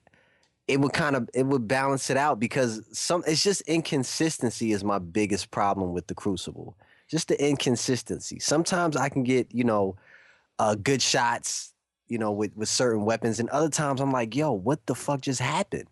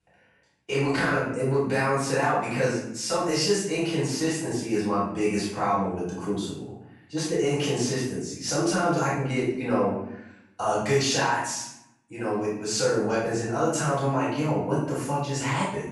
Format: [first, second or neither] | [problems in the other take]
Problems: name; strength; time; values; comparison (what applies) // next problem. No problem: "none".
first | off-mic speech; far // room echo; noticeable; dies away in 0.6 s